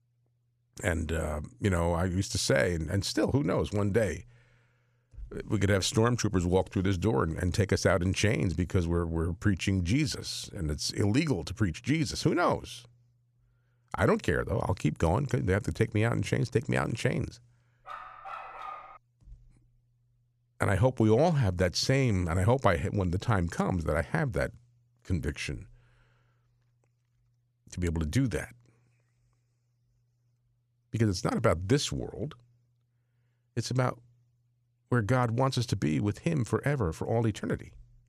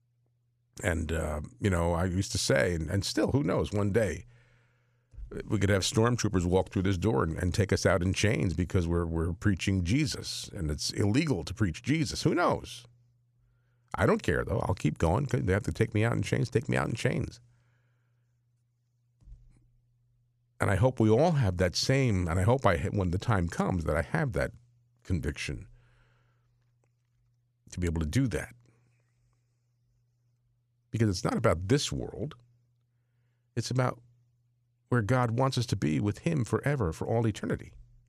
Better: second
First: dog barking; faint; from 18 to 19 s; peak 10 dB below the speech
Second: none

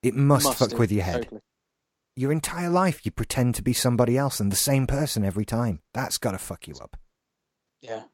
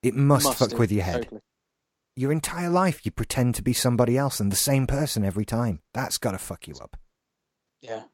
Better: neither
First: none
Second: none

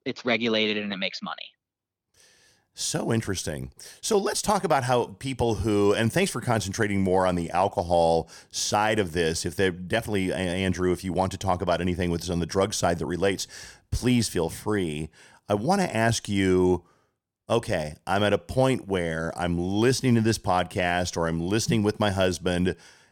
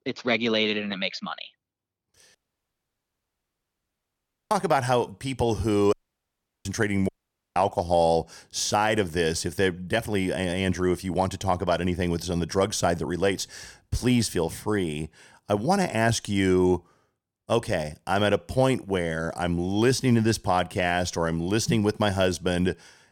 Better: first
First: none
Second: audio cutting out; at 2.5 s for 2 s, at 6 s for 0.5 s and at 7 s

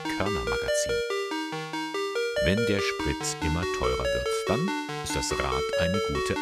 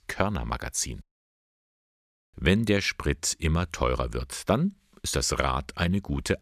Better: second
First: phone ringing; loud; peak 4 dB above the speech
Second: none

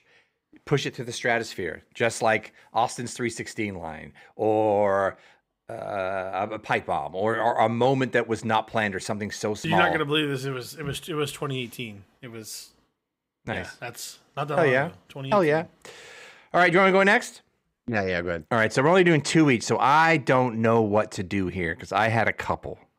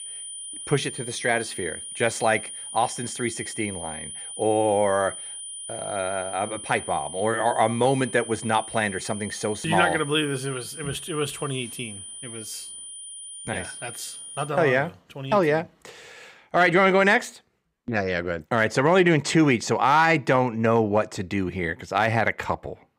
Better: first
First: none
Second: high-pitched whine; noticeable; until 14 s; 9.5 kHz, 10 dB below the speech

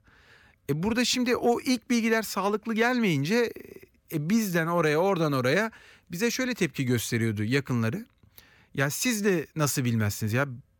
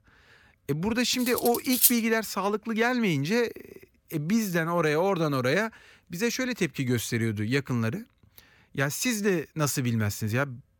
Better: first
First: none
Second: clattering dishes; loud; at 1.5 s; peak 6 dB above the speech

